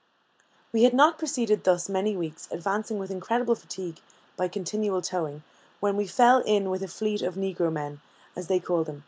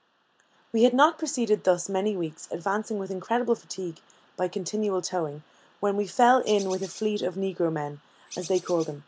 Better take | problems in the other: first | background sound (Bird); 17 dB below the speech

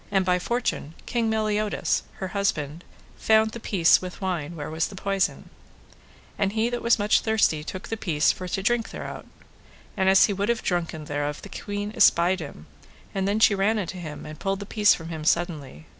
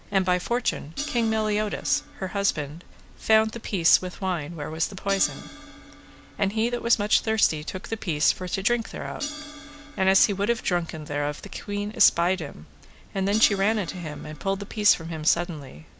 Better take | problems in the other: first | background sound (Crash cymbal); 17 dB below the speech

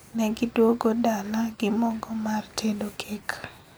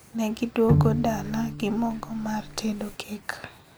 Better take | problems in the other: first | background sound (Bowed string instrument); as loud as the speech

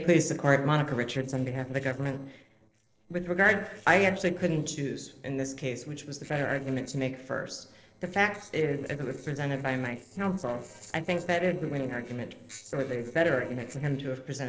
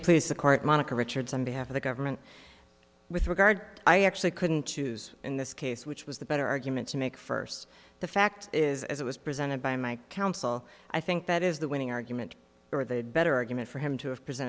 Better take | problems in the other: second | noise reduction (neural separator model SepFormer DNS4)

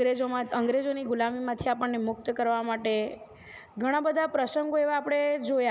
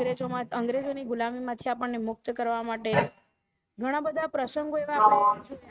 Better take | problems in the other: first | noise reduction (neural mask model RNNoise)

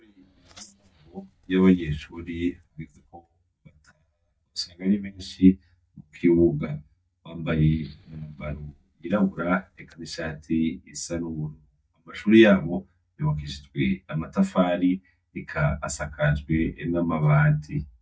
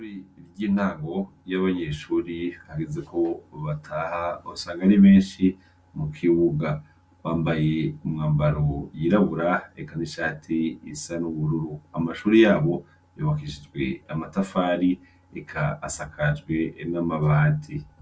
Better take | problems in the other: second | noise reduction (neural mask model DeepFilterNet 3)

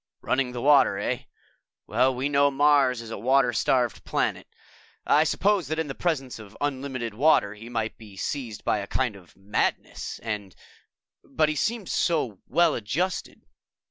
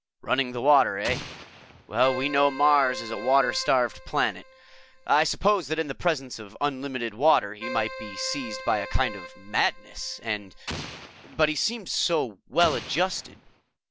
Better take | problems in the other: first | background sound (Keyboard (musical) + Explosion); 12 dB below the speech

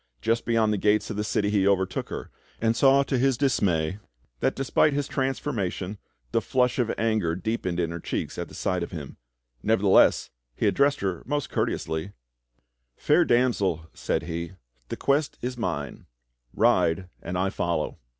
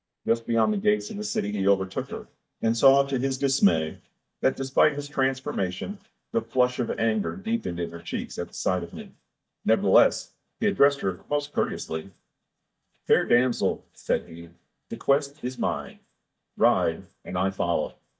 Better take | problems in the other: first | noise reduction (neural mask model DeepFilterNet 3)

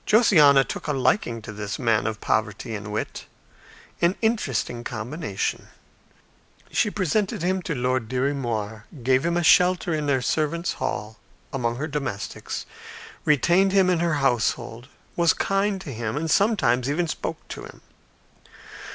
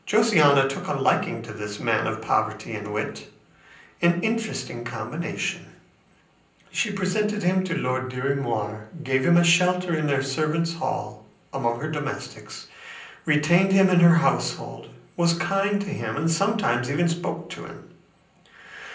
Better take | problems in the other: first | room echo; dies away in 0.6 s

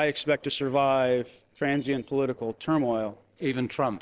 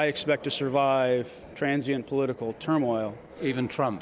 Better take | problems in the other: second | noise reduction (neural separator model SepFormer DNS4)

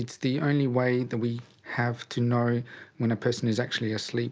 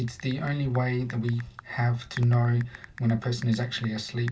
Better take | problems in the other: first | background sound (Typing); 19 dB below the speech // room echo; dies away in 0.1 s

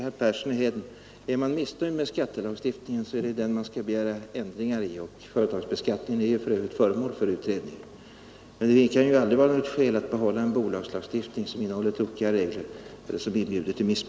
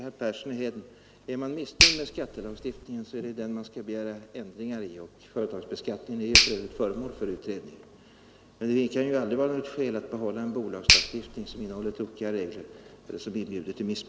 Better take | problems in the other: first | background sound (Finger snapping); 1 dB above the speech

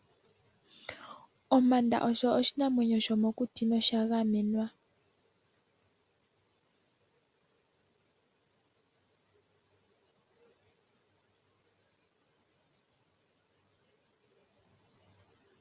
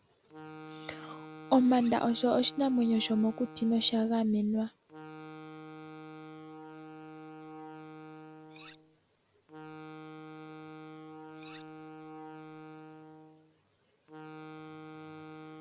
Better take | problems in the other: first | background sound (Wind instrument, woodwind instrument + Cutlery, silverware); 14 dB below the speech

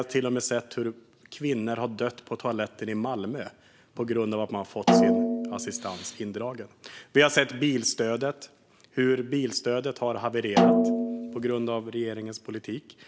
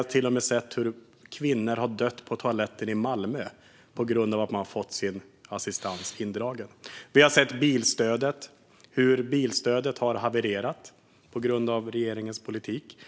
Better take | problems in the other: second | background sound (Snare drum); 2 dB above the speech

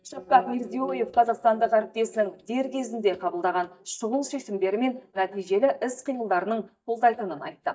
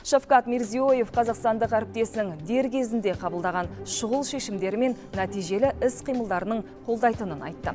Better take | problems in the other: second | noise reduction (neural mask model DeepFilterNet 3)

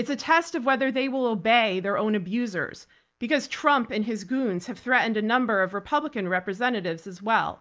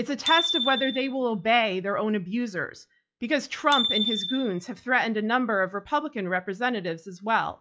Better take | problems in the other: first | noise reduction (classical method log-MMSE)

